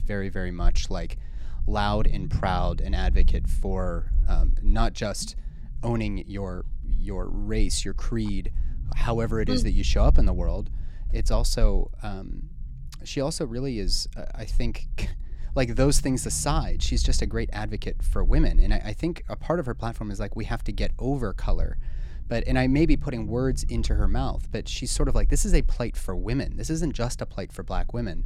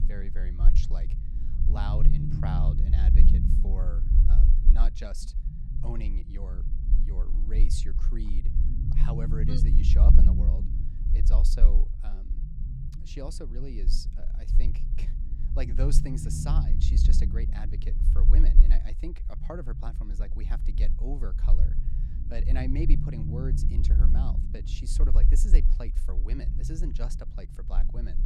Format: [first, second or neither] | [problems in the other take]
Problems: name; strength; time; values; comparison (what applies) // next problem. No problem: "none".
first | low rumble; loud; throughout; 2 dB below the speech; faint in the first